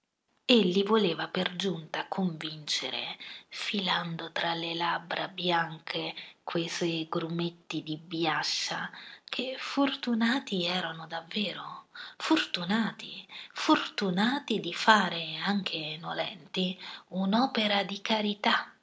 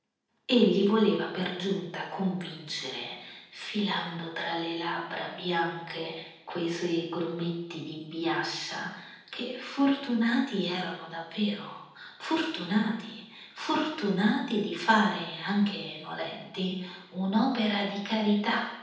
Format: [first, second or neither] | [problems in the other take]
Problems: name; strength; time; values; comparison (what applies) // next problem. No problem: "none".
first | room echo; dies away in 0.8 s